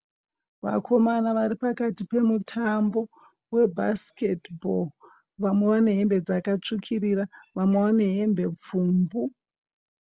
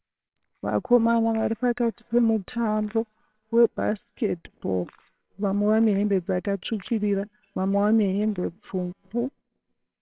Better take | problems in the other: first | noise reduction (neural separator model SepFormer WHAMR!)

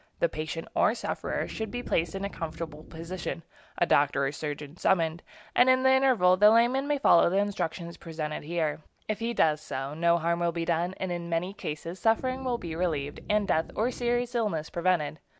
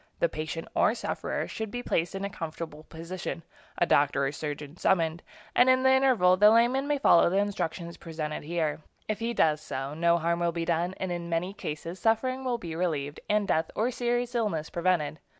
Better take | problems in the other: second | background sound (Wind instrument, woodwind instrument); 16 dB below the speech

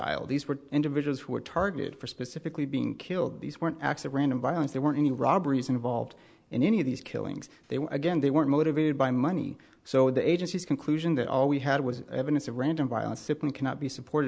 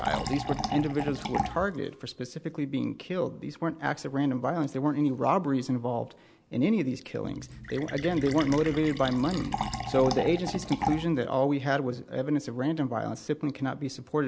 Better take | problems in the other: first | background sound (Fill (with liquid)); 9 dB below the speech

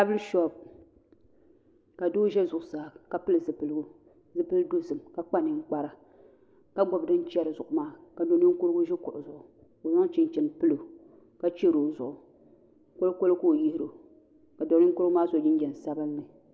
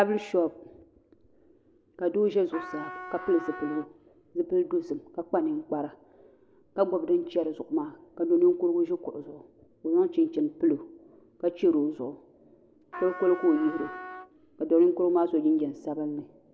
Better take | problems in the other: first | background sound (Trumpet); 13 dB below the speech

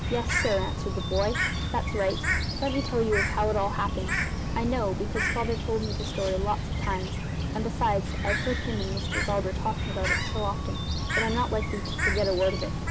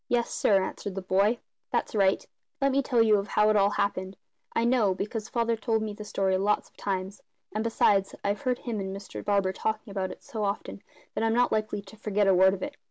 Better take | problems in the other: second | background sound (Bird); 1 dB above the speech

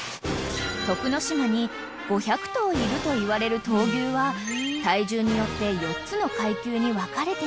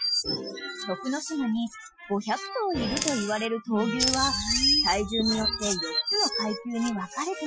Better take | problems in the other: first | noise reduction (classical method Wiener filter)

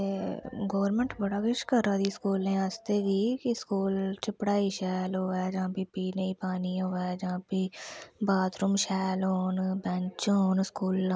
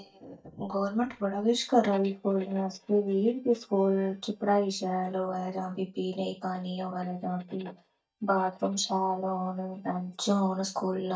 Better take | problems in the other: first | noise reduction (neural mask model DeepFilterNet 3)

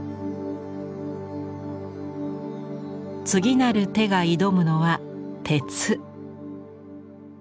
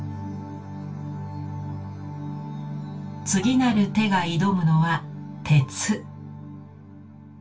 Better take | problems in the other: first | room echo; dies away in 0.2 s

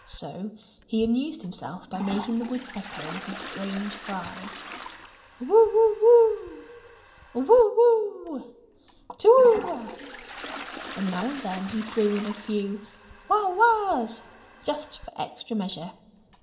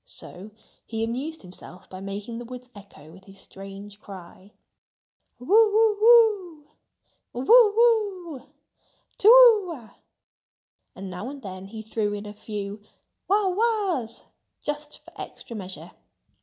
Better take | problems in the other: second | background sound (Toilet flush); 17 dB below the speech // room echo; dies away in 0.9 s

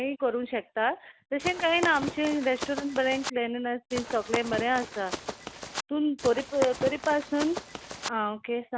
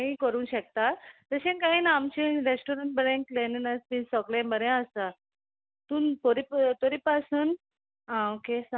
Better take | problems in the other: second | background sound (Run); 8 dB below the speech

